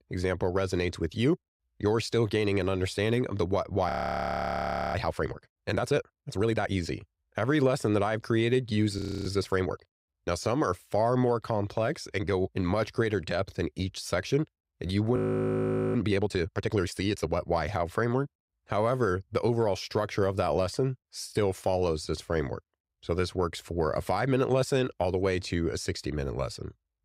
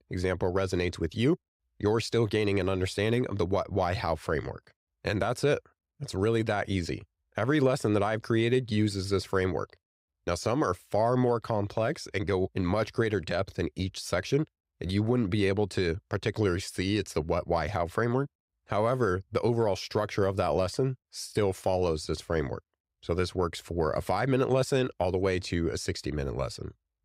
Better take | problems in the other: second | audio freezing; at 4 s for 1 s, at 9 s and at 15 s for 1 s

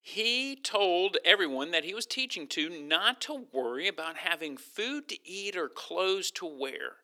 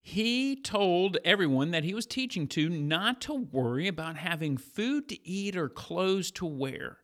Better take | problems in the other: second | thin; somewhat; fading below 350 Hz

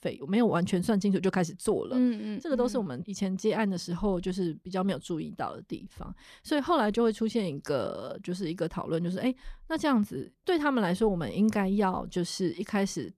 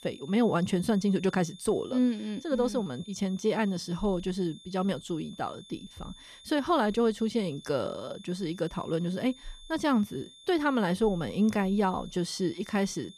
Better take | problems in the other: first | high-pitched whine; faint; throughout; 3.5 kHz, 20 dB below the speech

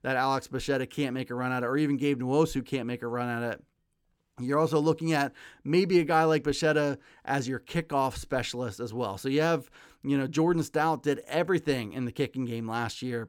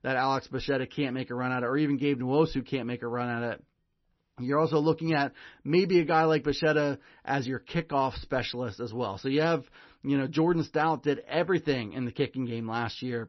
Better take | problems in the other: first | garbled, watery; slightly; nothing above 6 kHz

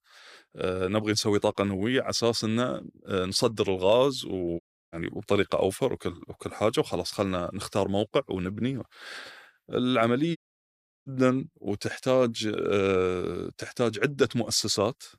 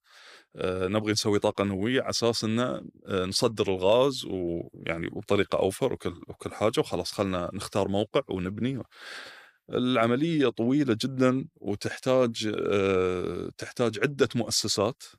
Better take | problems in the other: second | audio cutting out; at 4.5 s and at 10 s for 0.5 s

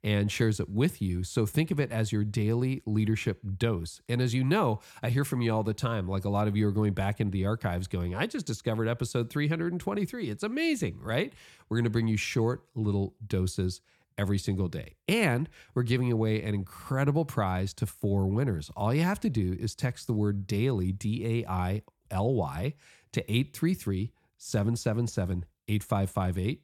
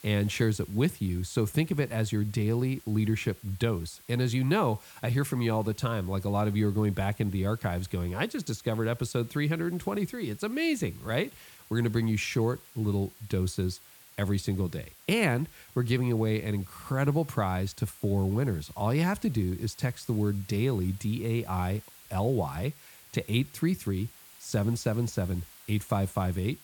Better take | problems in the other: first | hiss; faint; throughout; 20 dB below the speech

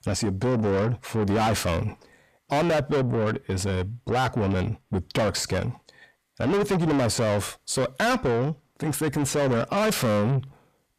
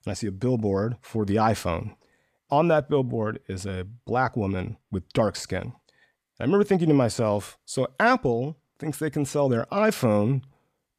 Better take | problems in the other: second | distortion; heavy; 6 dB below the speech

